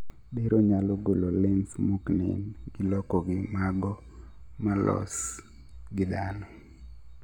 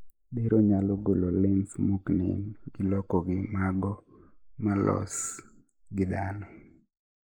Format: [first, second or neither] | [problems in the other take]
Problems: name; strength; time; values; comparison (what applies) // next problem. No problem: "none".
first | noise reduction (neural mask model Resemble Enhance denoiser)